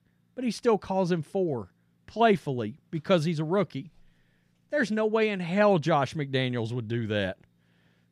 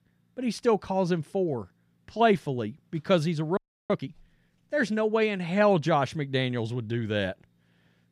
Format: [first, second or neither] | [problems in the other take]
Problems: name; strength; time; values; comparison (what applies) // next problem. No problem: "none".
first | audio freezing; at 3.5 s